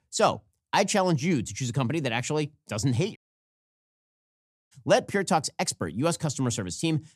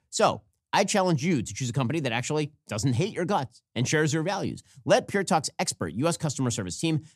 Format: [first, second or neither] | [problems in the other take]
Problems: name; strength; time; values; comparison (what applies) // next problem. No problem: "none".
second | audio cutting out; at 3 s for 1.5 s